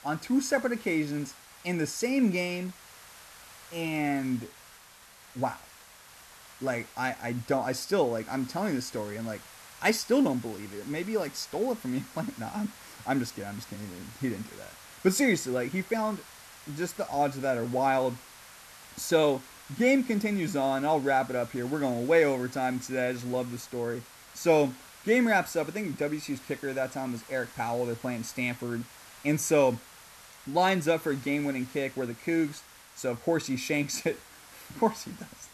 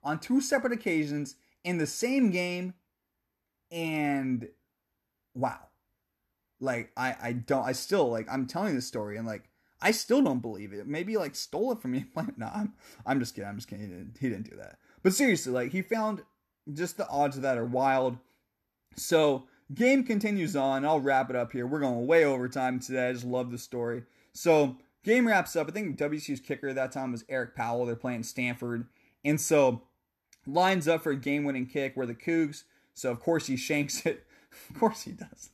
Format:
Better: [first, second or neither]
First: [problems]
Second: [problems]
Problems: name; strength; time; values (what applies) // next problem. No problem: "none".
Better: second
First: hiss; noticeable; throughout; 20 dB below the speech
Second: none